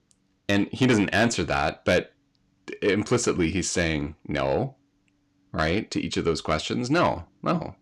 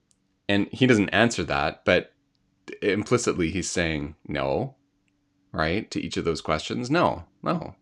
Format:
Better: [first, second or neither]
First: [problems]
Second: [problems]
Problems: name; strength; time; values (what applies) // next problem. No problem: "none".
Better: second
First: distortion; slight; 10 dB below the speech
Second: none